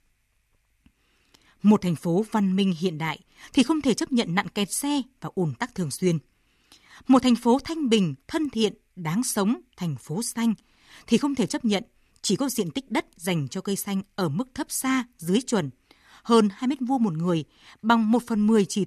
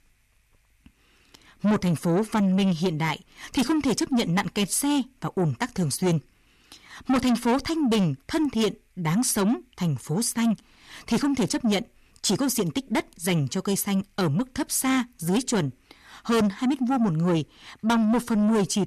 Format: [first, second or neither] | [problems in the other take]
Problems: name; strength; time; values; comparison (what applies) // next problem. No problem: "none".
first | distortion; heavy; 7 dB below the speech